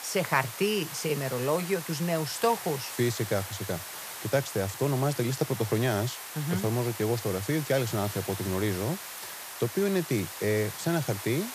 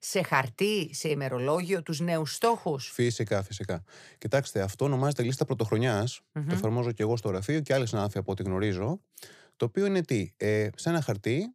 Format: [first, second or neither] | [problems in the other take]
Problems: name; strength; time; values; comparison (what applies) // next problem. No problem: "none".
second | hiss; loud; throughout; 8 dB below the speech